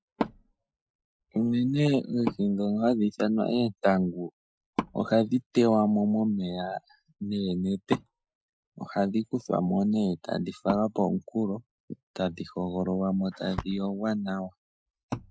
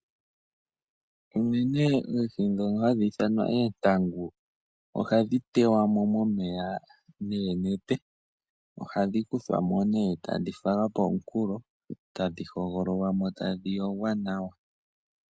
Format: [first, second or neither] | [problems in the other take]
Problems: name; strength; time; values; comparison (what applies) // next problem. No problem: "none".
second | noise reduction (classical method Wiener filter)